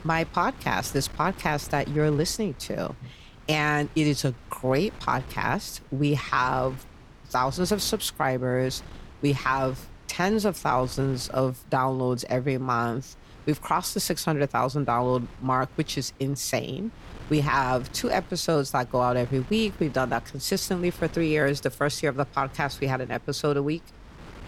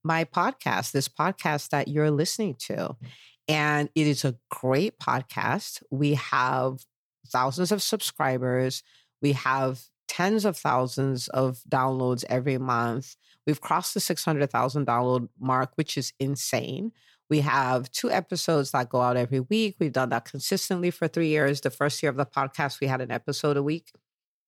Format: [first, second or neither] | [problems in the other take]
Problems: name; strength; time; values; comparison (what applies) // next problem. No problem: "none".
second | wind noise on the microphone; occasional gusts; 20 dB below the speech